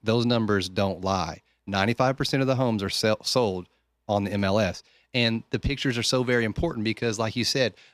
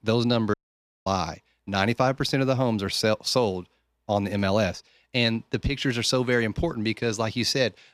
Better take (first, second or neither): first